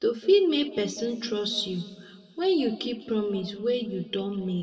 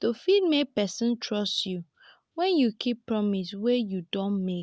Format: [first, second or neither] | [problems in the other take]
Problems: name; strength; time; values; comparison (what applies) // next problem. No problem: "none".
second | room echo; dies away in 1.5 s